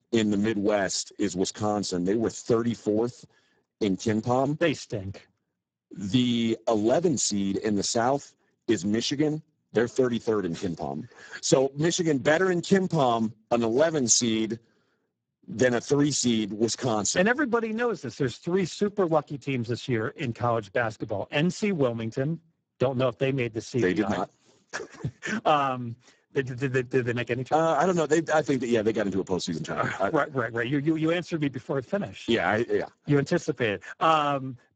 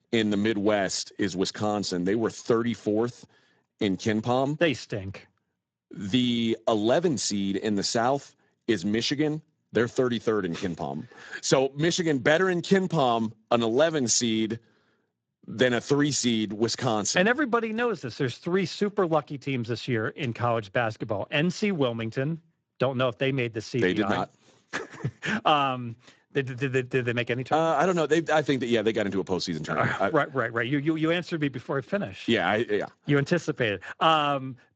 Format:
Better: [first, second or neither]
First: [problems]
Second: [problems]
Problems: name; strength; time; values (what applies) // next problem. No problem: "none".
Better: second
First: garbled, watery; badly; nothing above 7.5 kHz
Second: garbled, watery; slightly; nothing above 7.5 kHz